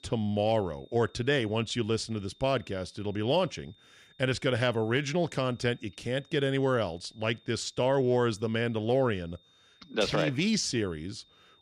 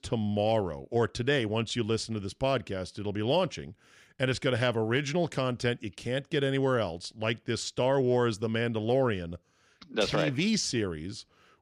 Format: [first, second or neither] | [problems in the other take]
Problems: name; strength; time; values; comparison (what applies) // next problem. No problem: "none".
second | high-pitched whine; faint; throughout; 3.5 kHz, 30 dB below the speech